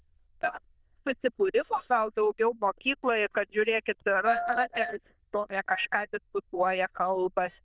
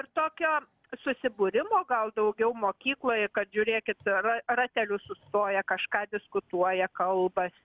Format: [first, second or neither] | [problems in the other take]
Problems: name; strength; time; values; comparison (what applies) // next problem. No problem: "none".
second | noise reduction (neural diffusion model UNIVERSE++)